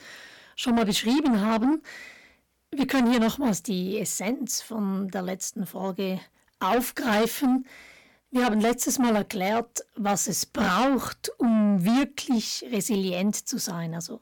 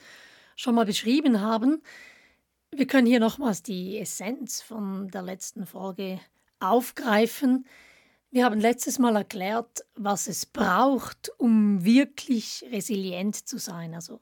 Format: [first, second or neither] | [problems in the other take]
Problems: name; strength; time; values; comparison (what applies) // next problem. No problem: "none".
second | distortion; heavy; 7 dB below the speech